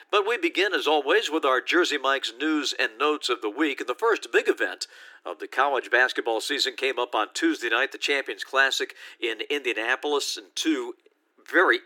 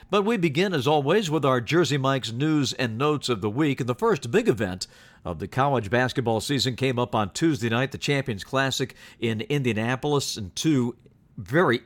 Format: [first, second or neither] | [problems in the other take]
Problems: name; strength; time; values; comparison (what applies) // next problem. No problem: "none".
second | thin; very; fading below 300 Hz